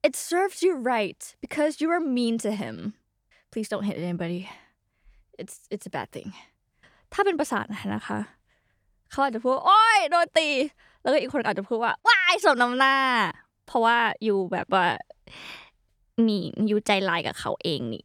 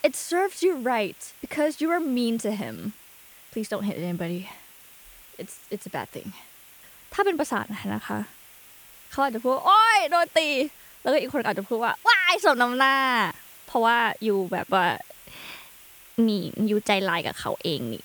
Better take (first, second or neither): first